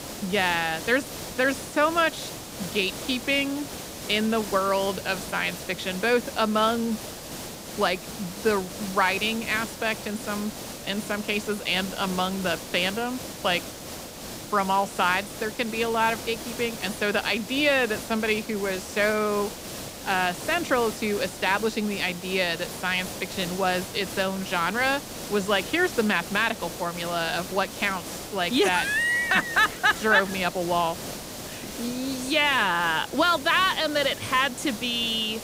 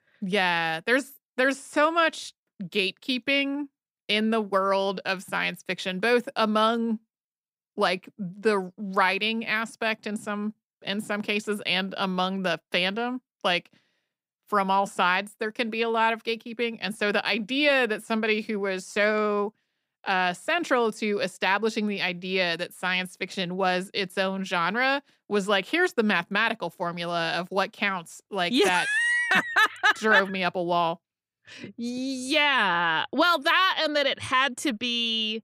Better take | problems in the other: second | hiss; noticeable; throughout; 10 dB below the speech

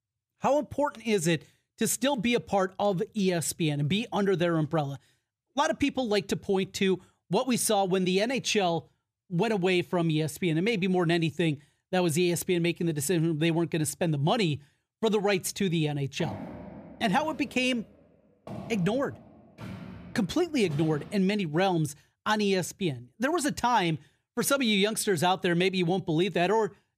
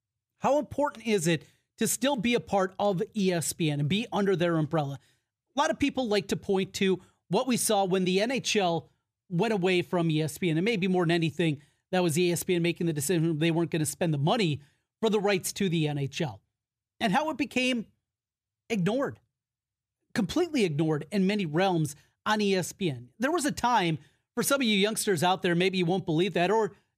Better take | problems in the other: second | footsteps; faint; from 16 to 21 s; peak 10 dB below the speech

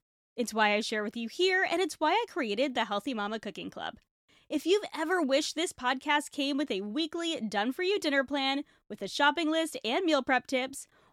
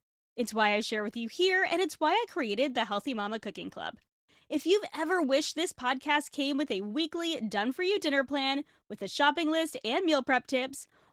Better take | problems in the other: first | garbled, watery; slightly; nothing above 19 kHz

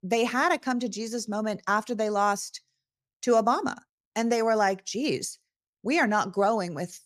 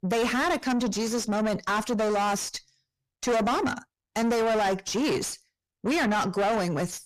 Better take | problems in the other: first | distortion; heavy; 6 dB below the speech

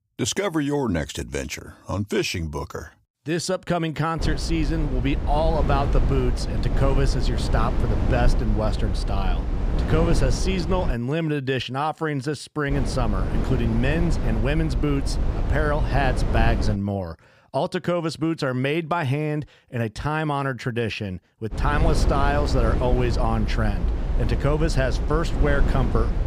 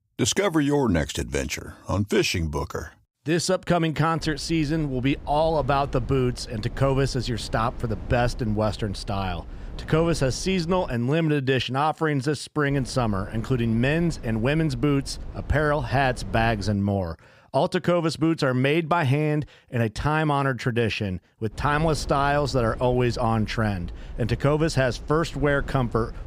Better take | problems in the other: second | low rumble; loud; from 4 to 11 s, from 13 to 17 s and from 22 s on; 8 dB below the speech; faint in the second

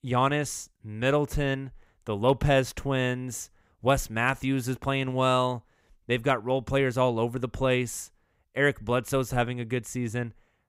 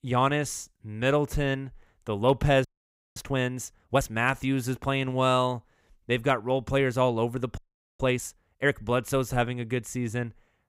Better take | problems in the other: first | audio freezing; at 2.5 s for 0.5 s and at 7.5 s

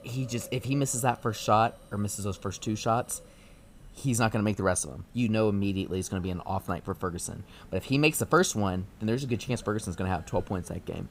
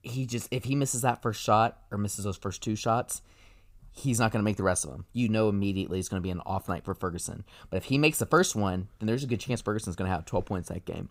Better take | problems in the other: second | hiss; faint; throughout; 25 dB below the speech

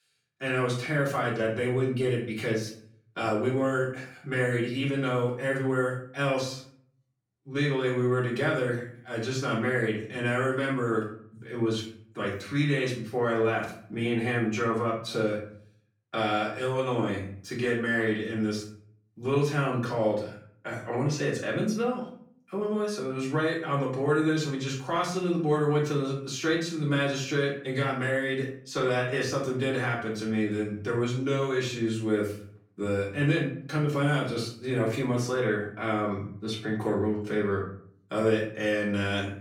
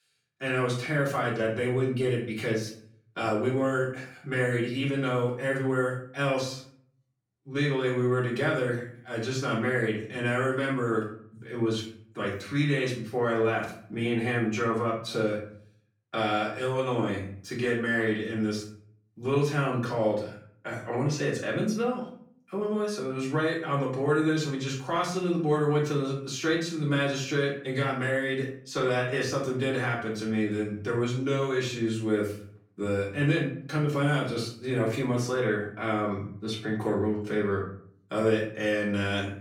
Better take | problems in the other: neither | off-mic speech; far; the same in both // room echo; slight; dies away in 0.4 s; the same in both

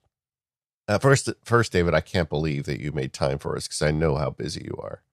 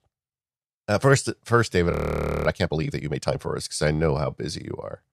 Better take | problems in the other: first | audio freezing; at 2 s for 0.5 s

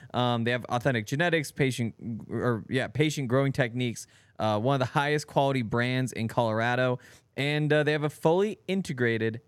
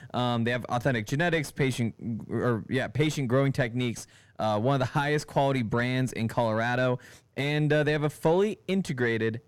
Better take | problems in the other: first | distortion; slight; 10 dB below the speech

